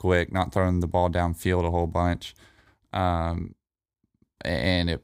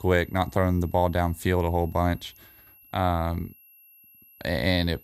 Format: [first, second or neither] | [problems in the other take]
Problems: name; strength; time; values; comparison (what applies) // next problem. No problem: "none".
first | high-pitched whine; faint; throughout; 11.5 kHz, 25 dB below the speech